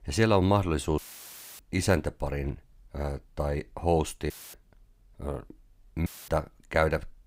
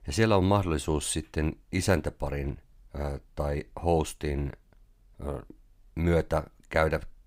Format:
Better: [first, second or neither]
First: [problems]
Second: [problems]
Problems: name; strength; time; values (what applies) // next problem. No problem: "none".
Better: second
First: audio cutting out; filled with static; at 1 s for 0.5 s, at 4.5 s and at 6 s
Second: none